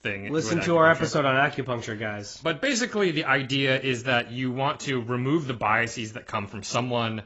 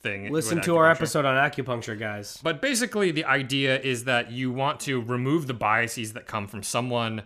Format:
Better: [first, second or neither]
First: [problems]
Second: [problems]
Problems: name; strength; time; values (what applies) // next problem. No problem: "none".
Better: second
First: garbled, watery; badly; nothing above 7.5 kHz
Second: none